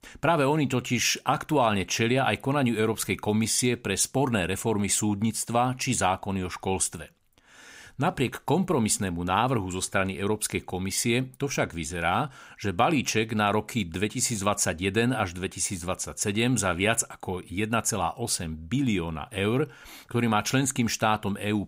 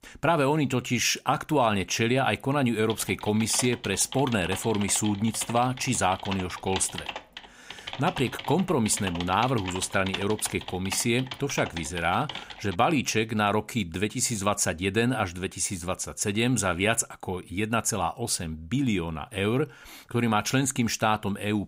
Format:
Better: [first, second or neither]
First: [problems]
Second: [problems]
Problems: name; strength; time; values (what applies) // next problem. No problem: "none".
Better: first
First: none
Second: keyboard typing; noticeable; from 3 to 13 s; peak 7 dB below the speech